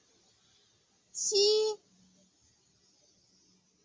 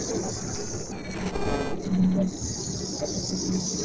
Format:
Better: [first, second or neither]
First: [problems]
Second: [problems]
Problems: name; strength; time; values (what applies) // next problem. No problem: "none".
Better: first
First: none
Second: noise reduction (neural separator model SepFormer DNS4)